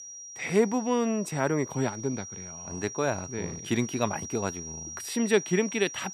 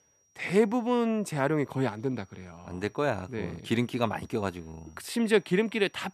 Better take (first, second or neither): second